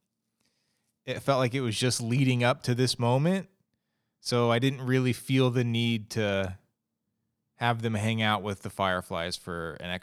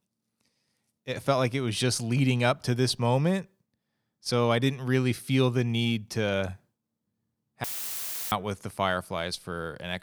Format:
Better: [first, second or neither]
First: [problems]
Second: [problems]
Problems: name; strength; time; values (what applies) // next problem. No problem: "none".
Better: first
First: none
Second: audio cutting out; filled with static; at 7.5 s for 0.5 s